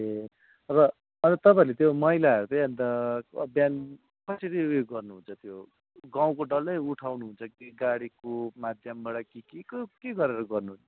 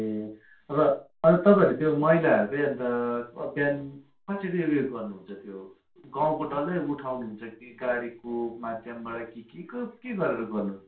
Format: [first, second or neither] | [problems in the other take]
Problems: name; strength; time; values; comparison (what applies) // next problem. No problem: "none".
first | room echo; dies away in 0.3 s